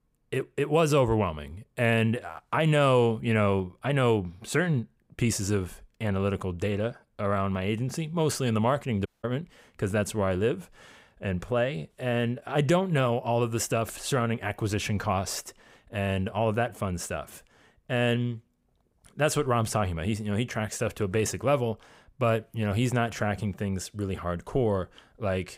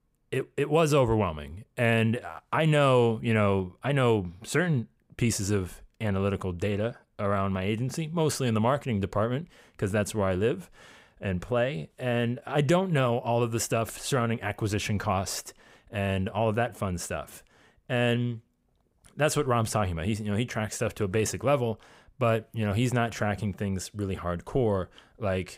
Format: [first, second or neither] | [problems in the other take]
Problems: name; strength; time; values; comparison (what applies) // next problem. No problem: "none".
second | audio cutting out; at 9 s